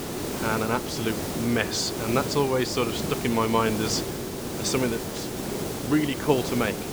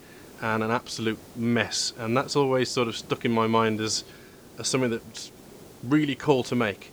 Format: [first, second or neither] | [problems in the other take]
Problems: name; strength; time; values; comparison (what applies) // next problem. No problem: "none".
second | hiss; loud; throughout; 4 dB below the speech; faint in the second